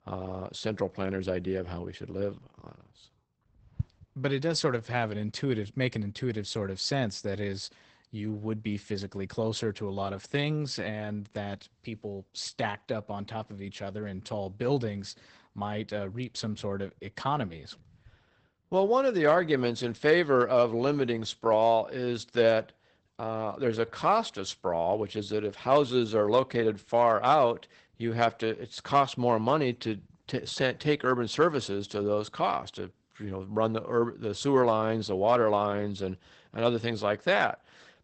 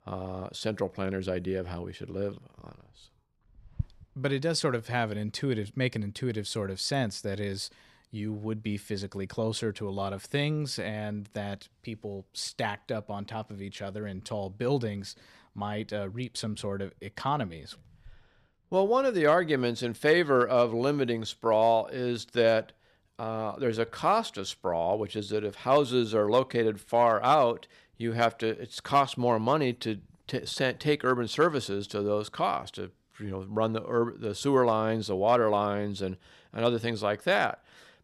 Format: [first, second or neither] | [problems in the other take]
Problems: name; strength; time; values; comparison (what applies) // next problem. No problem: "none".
second | garbled, watery; badly; nothing above 8 kHz